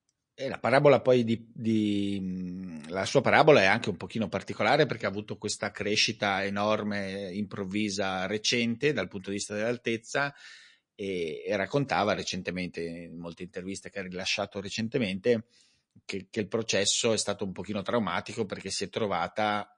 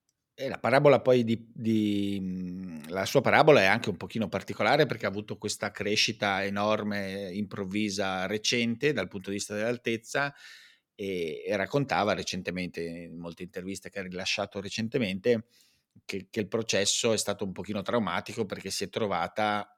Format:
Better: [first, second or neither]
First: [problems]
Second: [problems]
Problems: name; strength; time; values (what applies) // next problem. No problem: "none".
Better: second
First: garbled, watery; slightly; nothing above 9 kHz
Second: none